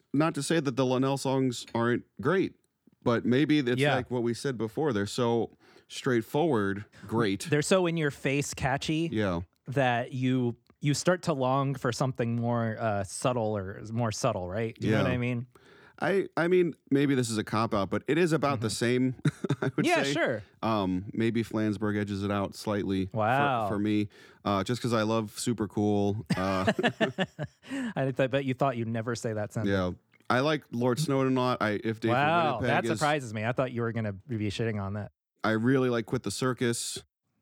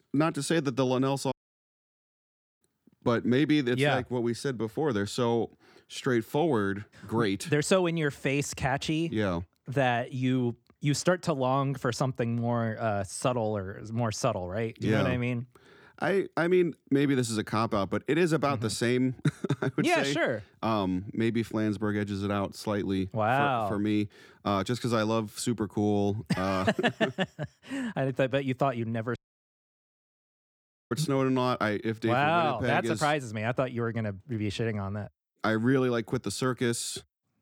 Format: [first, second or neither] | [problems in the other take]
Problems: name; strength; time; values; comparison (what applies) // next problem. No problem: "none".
first | audio cutting out; at 1.5 s for 1.5 s and at 29 s for 2 s